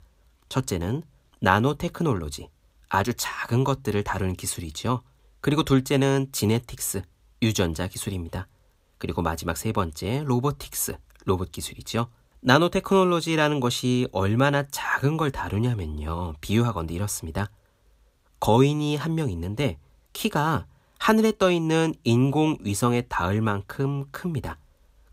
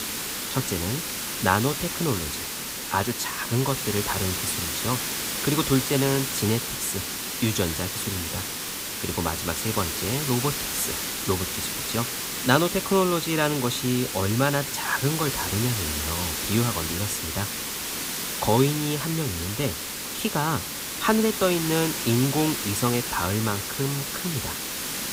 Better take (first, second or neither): first